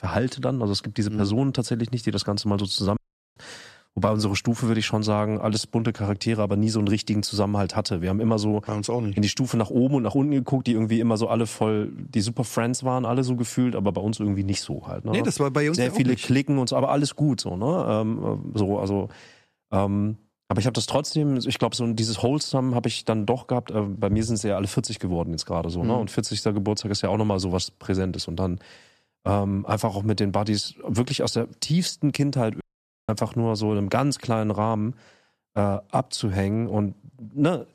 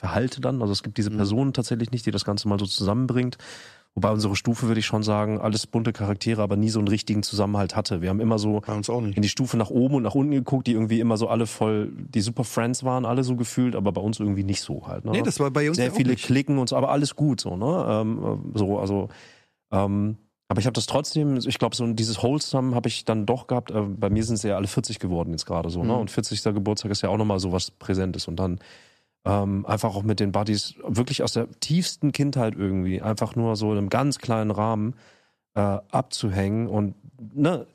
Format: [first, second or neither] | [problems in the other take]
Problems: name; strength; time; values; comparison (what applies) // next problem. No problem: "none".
second | audio cutting out; at 3 s and at 33 s